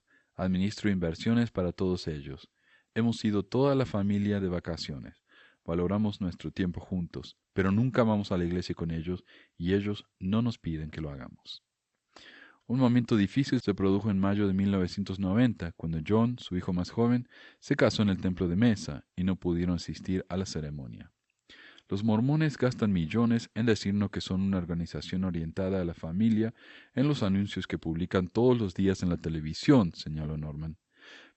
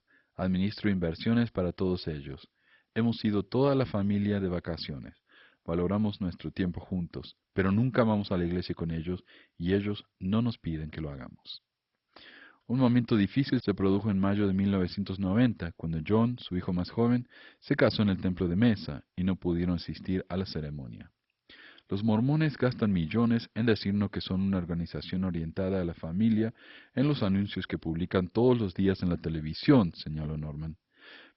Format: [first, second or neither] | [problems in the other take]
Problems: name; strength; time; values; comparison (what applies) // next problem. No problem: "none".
first | garbled, watery; badly; nothing above 5.5 kHz; slightly in the first